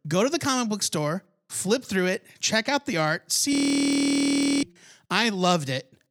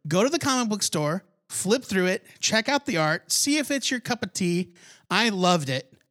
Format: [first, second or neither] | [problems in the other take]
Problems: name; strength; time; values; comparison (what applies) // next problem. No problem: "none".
second | audio freezing; at 3.5 s for 1 s